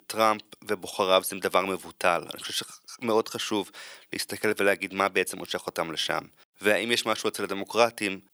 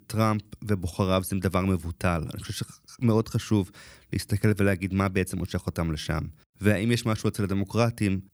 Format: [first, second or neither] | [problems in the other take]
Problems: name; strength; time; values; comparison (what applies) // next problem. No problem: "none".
second | thin; very; fading below 500 Hz